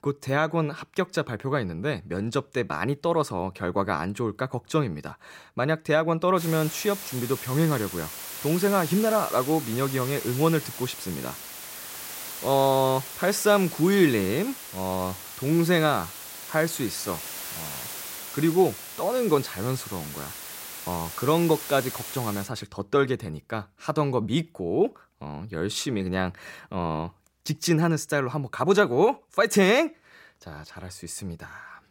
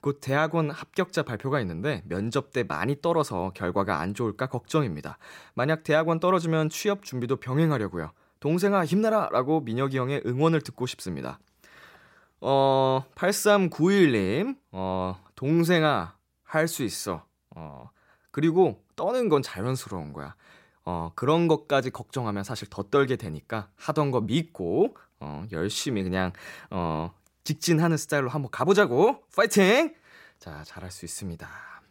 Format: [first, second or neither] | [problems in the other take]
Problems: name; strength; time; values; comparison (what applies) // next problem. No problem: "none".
second | hiss; loud; from 6.5 to 22 s; 10 dB below the speech